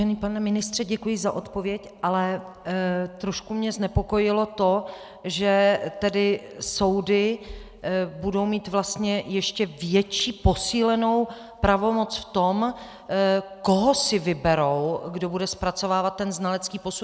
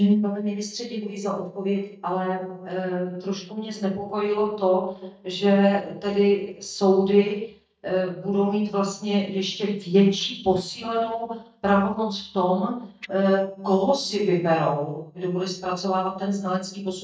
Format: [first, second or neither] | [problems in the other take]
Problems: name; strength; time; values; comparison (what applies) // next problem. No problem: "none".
first | noise reduction (neural mask model DeepFilterNet 3)